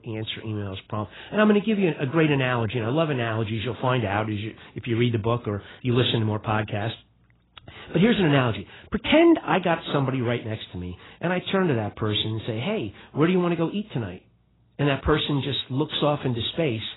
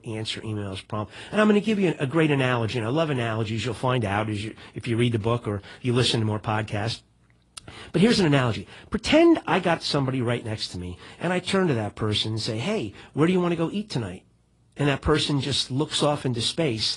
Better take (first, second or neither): second